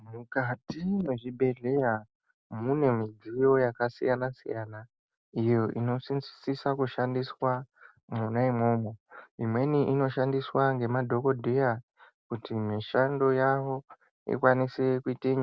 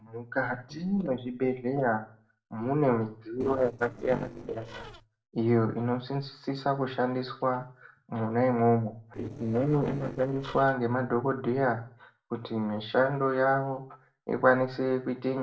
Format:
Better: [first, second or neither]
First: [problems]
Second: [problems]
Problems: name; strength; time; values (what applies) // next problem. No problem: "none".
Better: first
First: none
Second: noise reduction (neural separator model SepFormer DNS4)